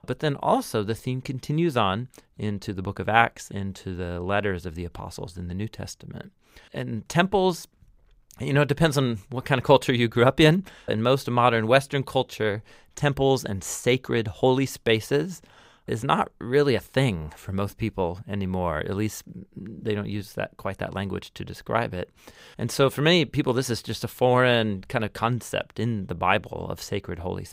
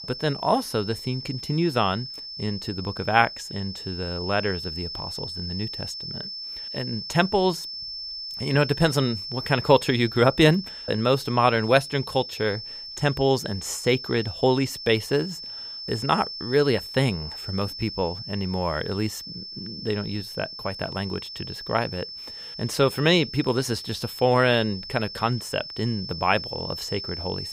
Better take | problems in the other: first | high-pitched whine; loud; throughout; 5.5 kHz, 9 dB below the speech

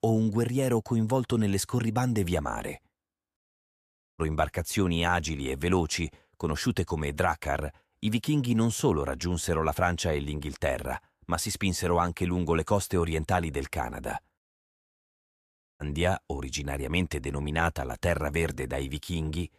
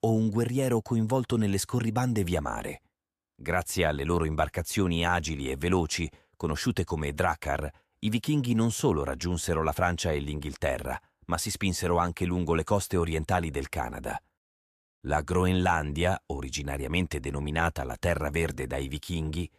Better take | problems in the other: second | audio cutting out; at 3.5 s for 1 s and at 15 s for 1 s

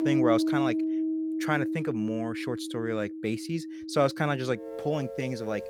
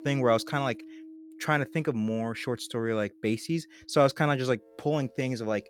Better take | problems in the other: second | background music; loud; throughout; 2 dB below the speech; faint in the second

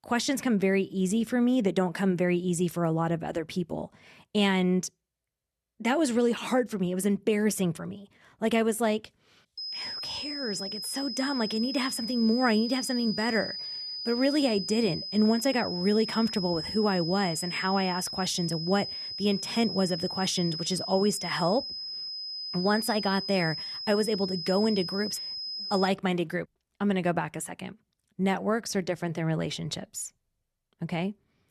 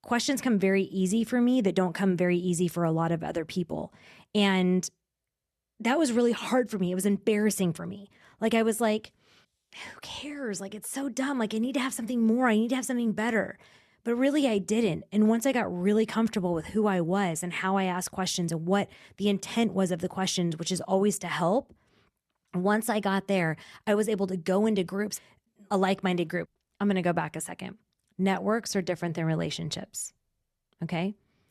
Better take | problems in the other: second | high-pitched whine; loud; from 9.5 to 26 s; 5 kHz, 5 dB below the speech

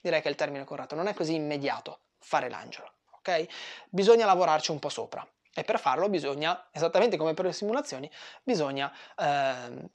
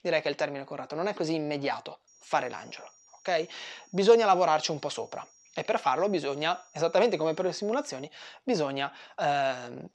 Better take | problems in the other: first | high-pitched whine; faint; from 2 to 8 s; 5.5 kHz, 30 dB below the speech

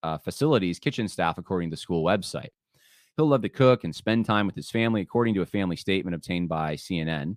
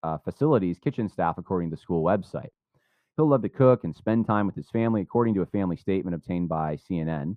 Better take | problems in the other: first | muffled; very; fading above 2 kHz

